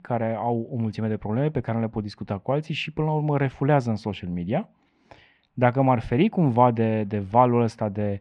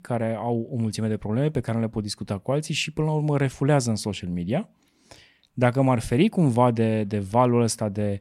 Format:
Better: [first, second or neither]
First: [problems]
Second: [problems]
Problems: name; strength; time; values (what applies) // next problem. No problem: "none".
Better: second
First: muffled; very; fading above 2.5 kHz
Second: none